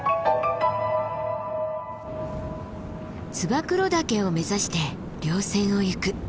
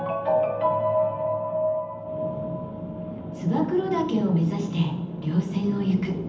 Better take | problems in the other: first | background sound (Chink, clink); 15 dB below the speech // room echo; dies away in 0.8 s

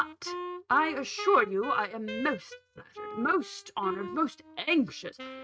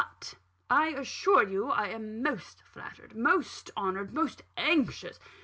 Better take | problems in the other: second | noise reduction (neural mask model RNNoise)

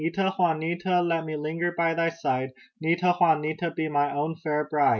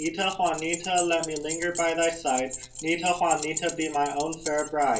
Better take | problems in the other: first | background sound (Keys jangling); 9 dB below the speech // room echo; dies away in 0.2 s

